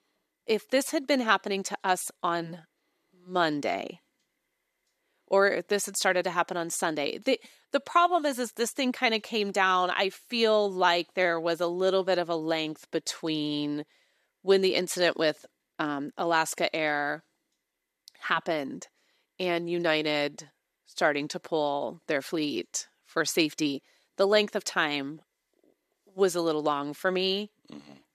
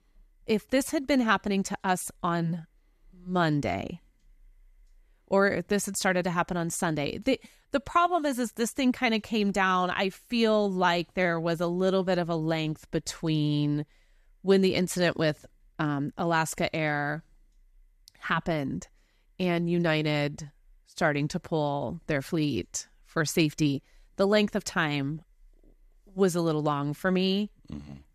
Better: second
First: thin; somewhat; fading below 400 Hz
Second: none

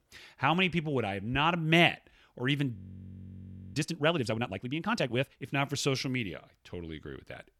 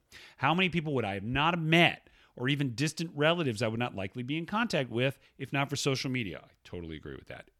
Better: second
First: audio freezing; at 3 s for 1 s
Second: none

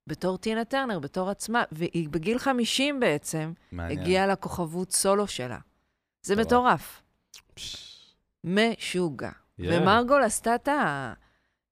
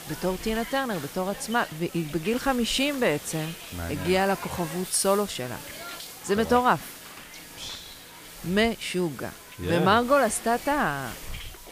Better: first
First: none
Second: hiss; noticeable; throughout; 15 dB below the speech

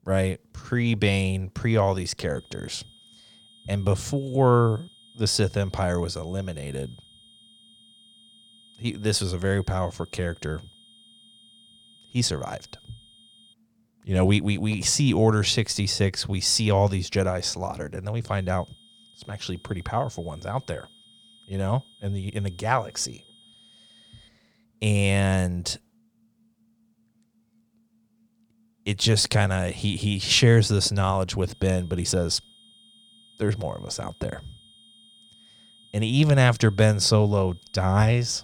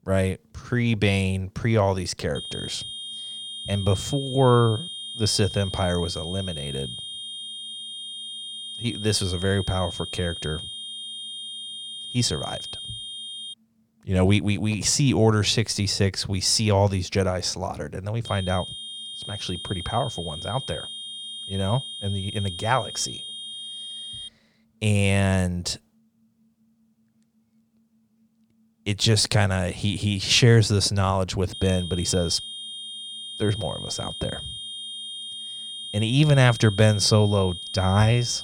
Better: first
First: high-pitched whine; faint; from 2.5 to 14 s, from 18 to 24 s and from 32 s on; 3 kHz, 25 dB below the speech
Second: high-pitched whine; loud; from 2.5 to 14 s, from 18 to 24 s and from 32 s on; 3 kHz, 9 dB below the speech

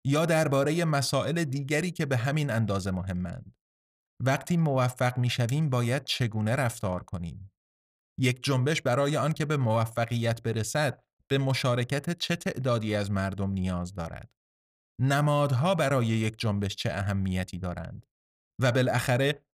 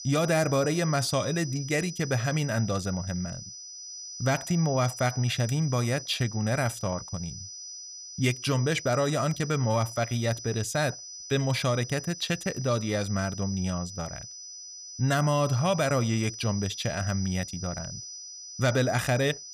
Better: first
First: none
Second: high-pitched whine; noticeable; throughout; 6 kHz, 10 dB below the speech

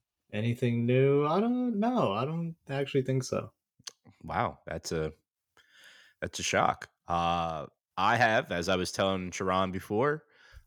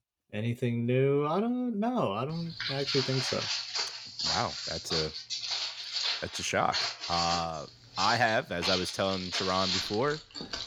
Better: first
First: none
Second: footsteps; loud; from 2.5 s on; peak 2 dB above the speech

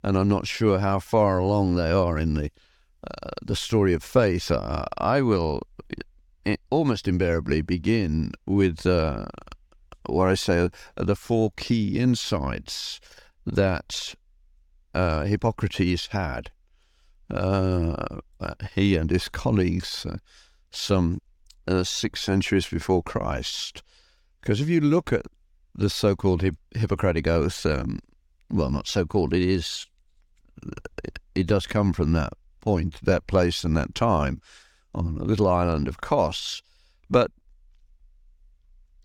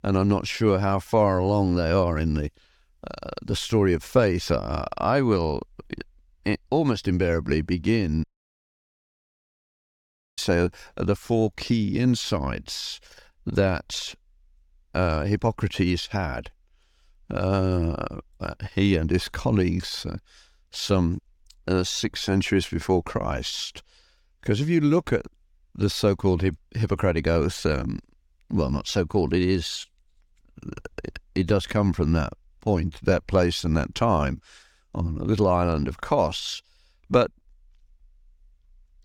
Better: first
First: none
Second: audio cutting out; at 8 s for 2 s

